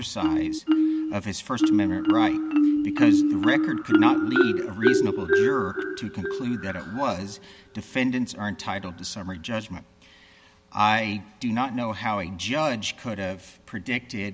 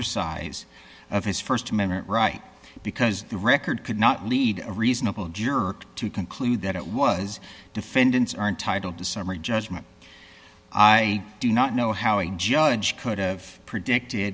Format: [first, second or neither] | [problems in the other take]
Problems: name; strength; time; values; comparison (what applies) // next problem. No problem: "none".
second | background sound (Marimba, xylophone); 3 dB above the speech